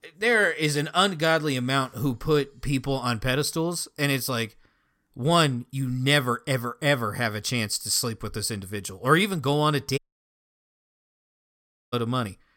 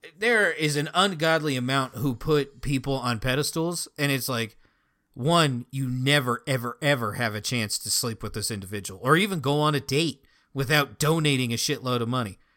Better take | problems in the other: second | audio cutting out; at 10 s for 2 s

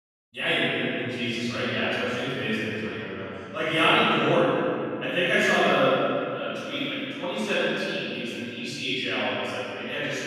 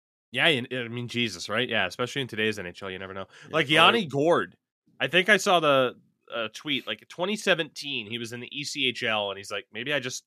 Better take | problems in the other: second | off-mic speech; far // room echo; strong; dies away in 2.6 s

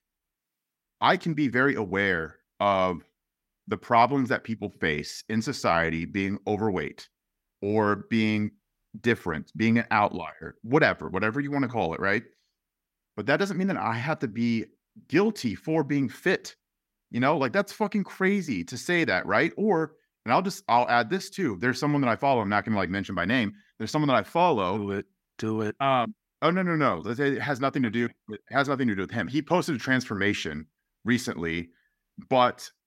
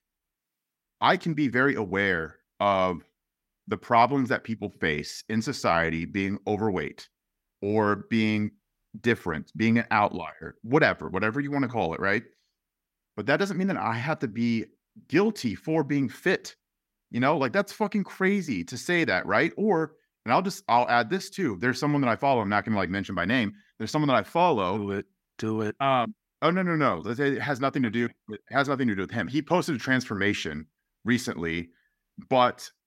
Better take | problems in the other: neither | none

